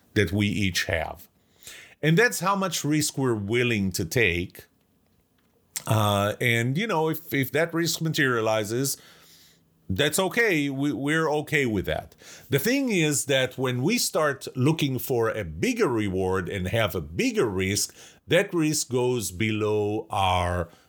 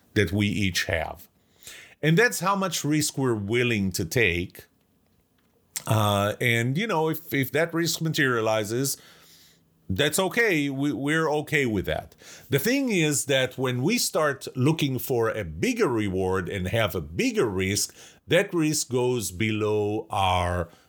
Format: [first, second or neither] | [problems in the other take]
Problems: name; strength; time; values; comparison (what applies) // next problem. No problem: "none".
neither | none